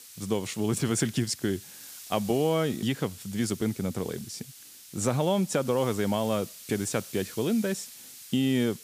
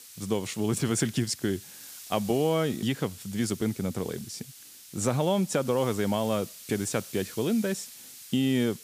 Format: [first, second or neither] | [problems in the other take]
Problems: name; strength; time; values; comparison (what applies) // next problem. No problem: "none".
neither | hiss; noticeable; throughout; 15 dB below the speech; the same in both